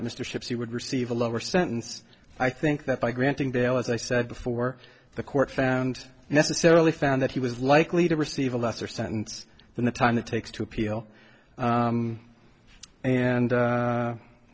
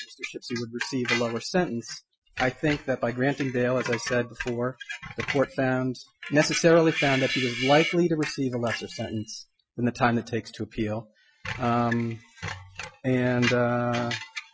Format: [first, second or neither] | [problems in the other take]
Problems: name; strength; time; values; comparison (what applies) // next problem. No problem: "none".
first | noise reduction (classical method Wiener filter)